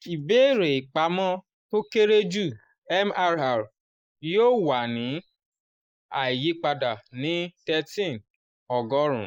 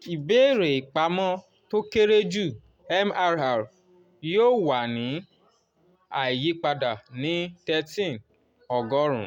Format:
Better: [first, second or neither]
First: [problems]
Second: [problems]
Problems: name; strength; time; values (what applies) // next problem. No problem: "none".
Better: second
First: noise reduction (neural mask model Resemble Enhance denoiser)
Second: none